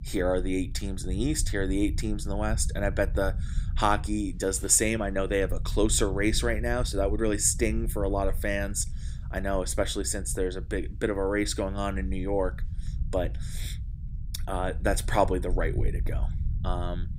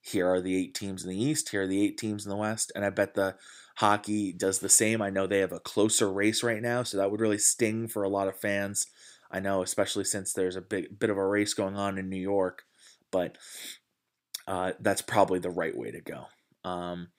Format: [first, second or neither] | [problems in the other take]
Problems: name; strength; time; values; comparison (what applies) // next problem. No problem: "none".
second | low rumble; faint; throughout; 20 dB below the speech